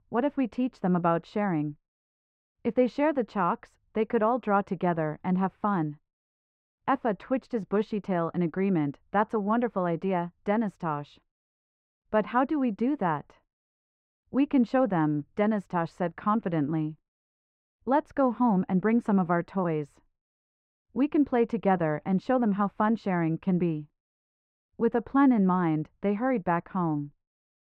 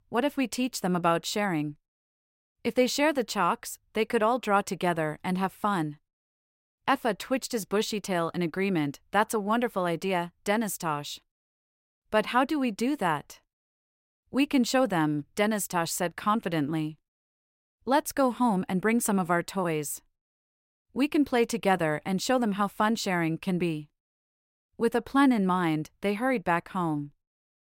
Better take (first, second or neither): second